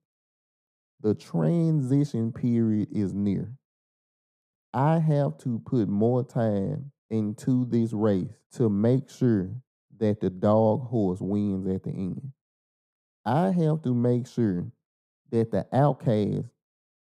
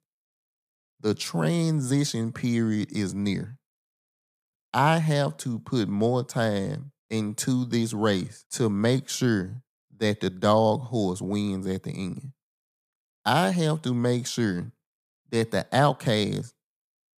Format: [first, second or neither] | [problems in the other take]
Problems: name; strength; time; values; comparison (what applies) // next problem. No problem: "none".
second | muffled; very; fading above 1 kHz